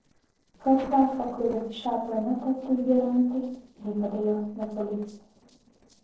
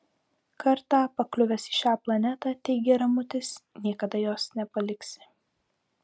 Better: second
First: noise reduction (neural separator model SepFormer DNS4)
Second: none

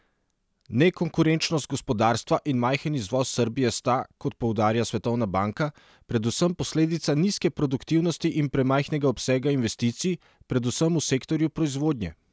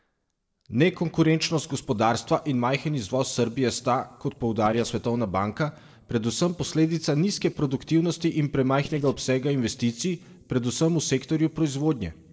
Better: first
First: none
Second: noise reduction (neural separator model SepFormer DNS4)

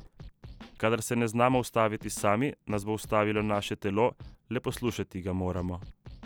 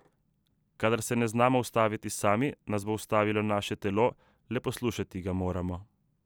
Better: second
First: background sound (Scratching (performance technique)); 20 dB below the speech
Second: none

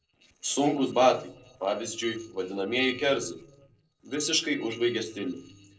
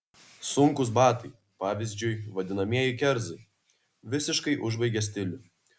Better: second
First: noise reduction (neural separator model SepFormer DNS4)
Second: none

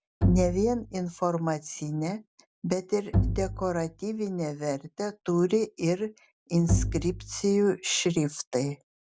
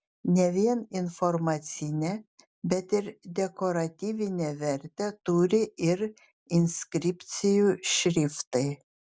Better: second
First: background sound (Bowed string instrument); 2 dB below the speech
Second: none

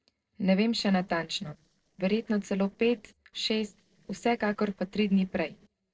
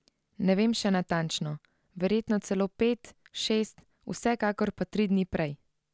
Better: second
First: noise reduction (neural separator model SepFormer DNS4)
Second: none

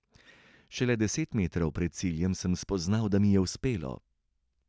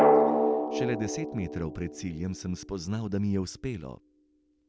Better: first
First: none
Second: background sound (Drum); 5 dB above the speech

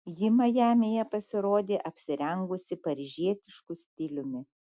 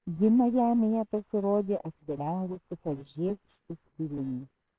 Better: first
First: none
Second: noise reduction (neural separator model SepFormer WHAMR!)

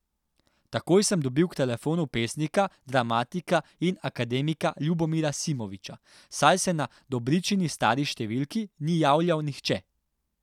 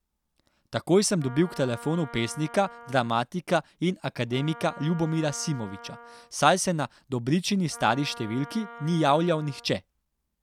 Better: first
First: none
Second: background sound (Wind instrument, woodwind instrument); 18 dB below the speech

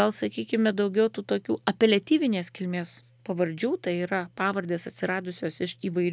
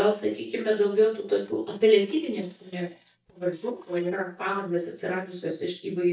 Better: first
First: none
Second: noise reduction (neural mask model DeepFilterNet 3)

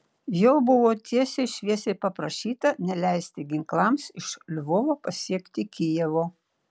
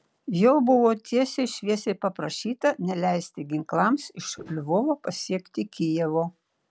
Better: first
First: none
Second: background sound (Walk, footsteps); 20 dB below the speech

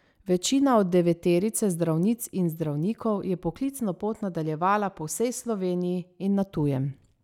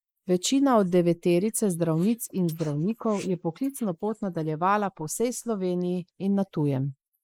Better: first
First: none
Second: noise reduction (neural mask model Resemble Enhance denoiser)

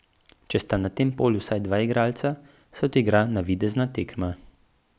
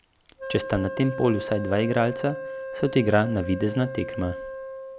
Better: first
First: none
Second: background sound (Wind instrument, woodwind instrument); 9 dB below the speech

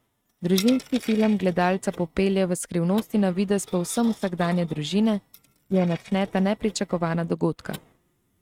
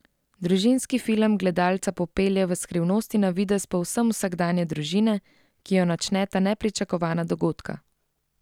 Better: second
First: noise reduction (neural mask model RNNoise)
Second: none

